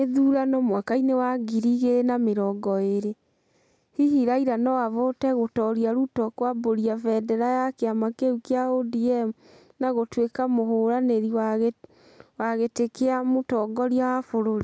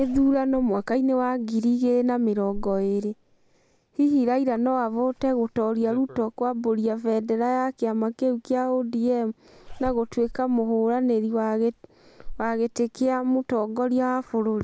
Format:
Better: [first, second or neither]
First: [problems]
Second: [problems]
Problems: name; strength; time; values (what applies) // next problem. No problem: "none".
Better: first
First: none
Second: background sound (Zipper (clothing)); 19 dB below the speech